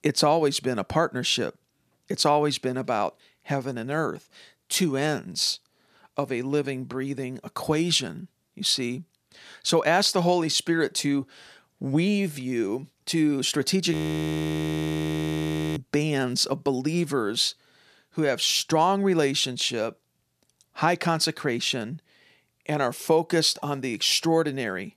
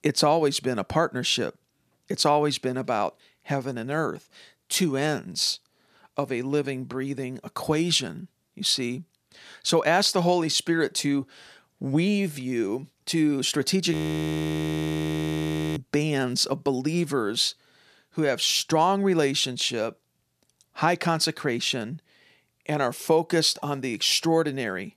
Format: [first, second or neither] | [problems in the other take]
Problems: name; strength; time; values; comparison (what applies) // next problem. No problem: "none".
neither | audio freezing; at 14 s for 2 s; the same in both